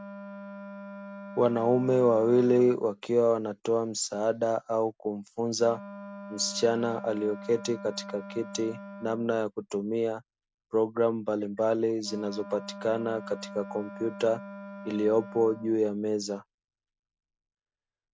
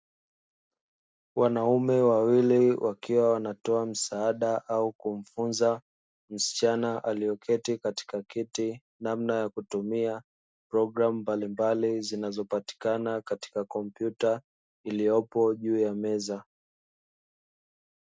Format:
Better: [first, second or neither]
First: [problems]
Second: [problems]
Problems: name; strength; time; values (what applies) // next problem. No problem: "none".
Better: second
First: background sound (Wind instrument, woodwind instrument); 16 dB below the speech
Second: none